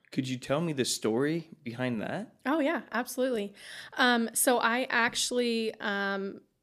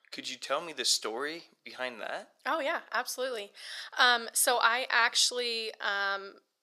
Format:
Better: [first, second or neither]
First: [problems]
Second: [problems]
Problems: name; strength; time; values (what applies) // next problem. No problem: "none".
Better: first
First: none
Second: thin; very; fading below 700 Hz